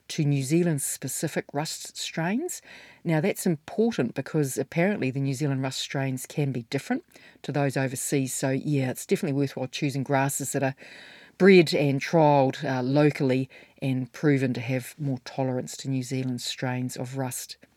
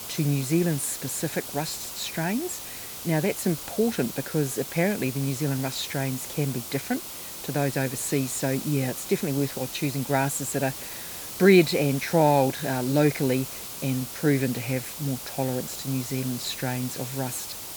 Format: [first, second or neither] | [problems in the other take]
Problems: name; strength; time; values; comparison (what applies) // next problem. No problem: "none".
first | hiss; loud; throughout; 8 dB below the speech